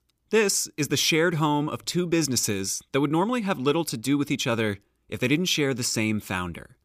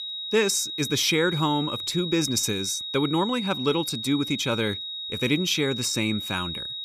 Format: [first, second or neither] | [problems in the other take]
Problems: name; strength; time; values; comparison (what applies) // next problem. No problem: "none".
first | high-pitched whine; loud; throughout; 4 kHz, 5 dB below the speech